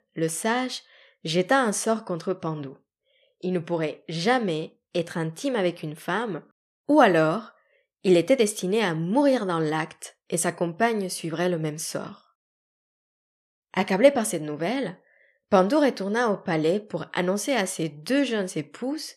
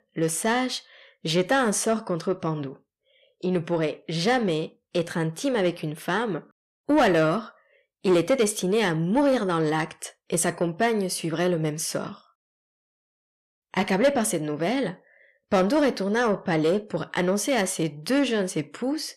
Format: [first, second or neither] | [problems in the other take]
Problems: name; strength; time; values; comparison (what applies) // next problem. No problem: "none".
first | distortion; slight; 10 dB below the speech